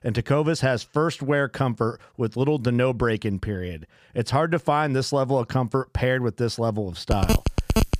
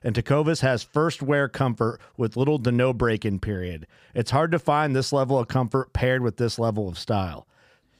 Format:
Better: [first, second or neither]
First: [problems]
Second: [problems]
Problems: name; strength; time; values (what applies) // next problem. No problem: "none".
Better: second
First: phone ringing; loud; at 7 s; peak 1 dB above the speech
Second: none